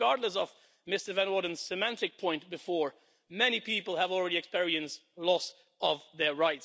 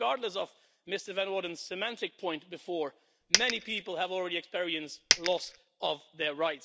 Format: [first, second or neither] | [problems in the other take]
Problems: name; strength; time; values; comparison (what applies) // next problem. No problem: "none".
first | background sound (Coin (dropping)); 4 dB above the speech